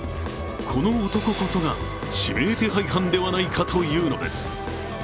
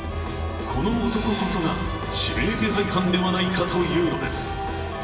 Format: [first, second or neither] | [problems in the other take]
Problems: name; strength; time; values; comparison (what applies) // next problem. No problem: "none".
first | background sound (Trumpet); 15 dB below the speech // room echo; dies away in 1.2 s